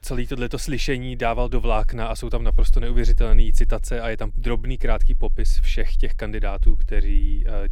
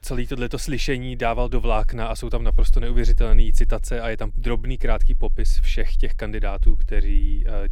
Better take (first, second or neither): neither